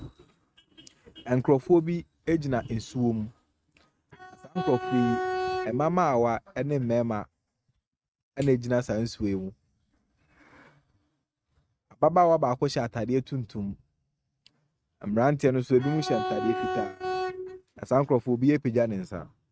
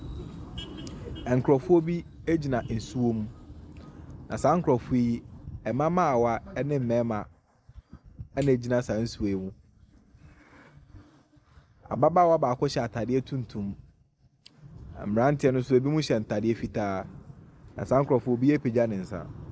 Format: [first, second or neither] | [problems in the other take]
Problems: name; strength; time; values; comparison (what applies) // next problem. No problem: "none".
second | noise reduction (neural mask model RNNoise)